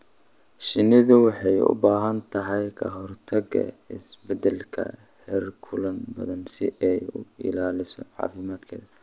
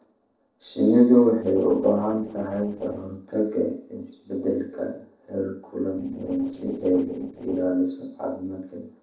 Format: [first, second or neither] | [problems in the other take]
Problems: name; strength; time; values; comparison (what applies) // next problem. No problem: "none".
first | noise reduction (neural separator model SepFormer DNS4)